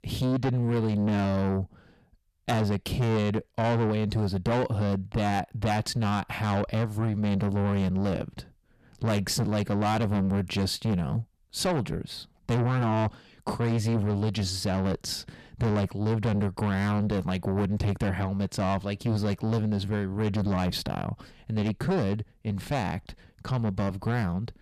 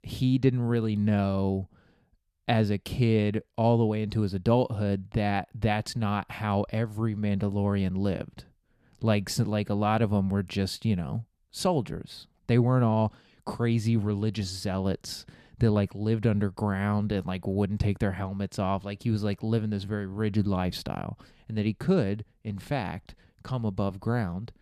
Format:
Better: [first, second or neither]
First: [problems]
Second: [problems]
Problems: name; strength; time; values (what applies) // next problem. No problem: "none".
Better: second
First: distortion; heavy; 7 dB below the speech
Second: none